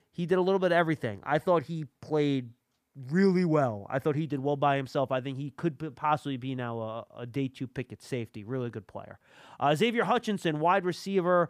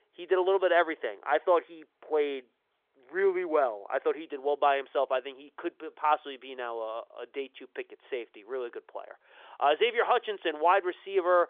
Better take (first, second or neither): first